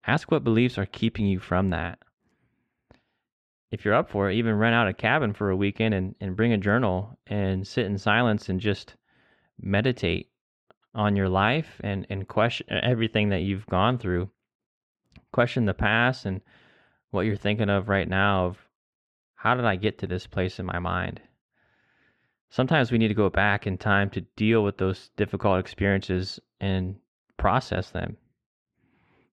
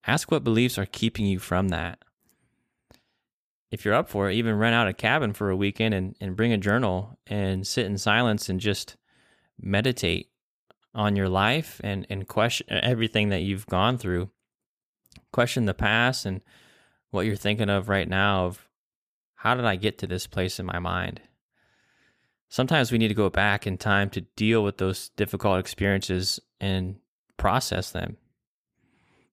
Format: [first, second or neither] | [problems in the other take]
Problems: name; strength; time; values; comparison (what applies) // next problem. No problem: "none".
second | muffled; slightly; fading above 2.5 kHz